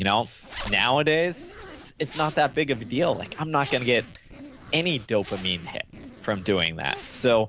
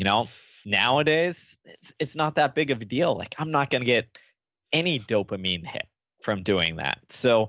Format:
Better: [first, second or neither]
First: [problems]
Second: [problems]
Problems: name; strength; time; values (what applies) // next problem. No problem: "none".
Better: second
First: background sound (Zipper (clothing)); 17 dB below the speech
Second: none